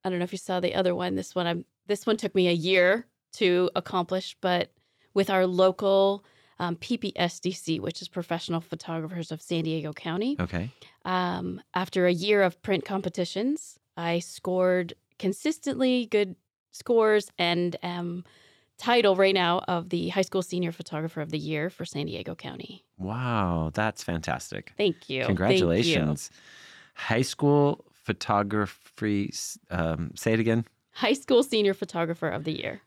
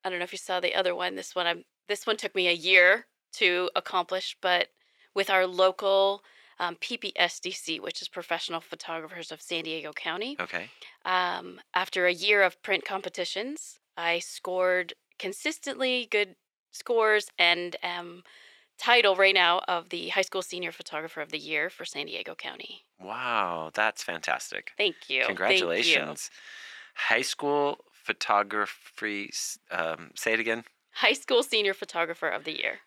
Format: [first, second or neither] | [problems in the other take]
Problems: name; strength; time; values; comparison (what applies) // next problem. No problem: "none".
first | thin; very; fading below 500 Hz